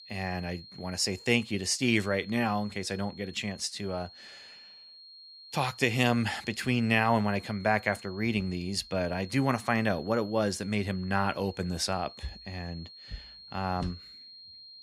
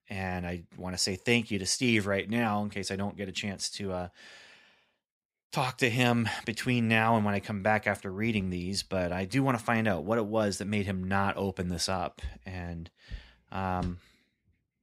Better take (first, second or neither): second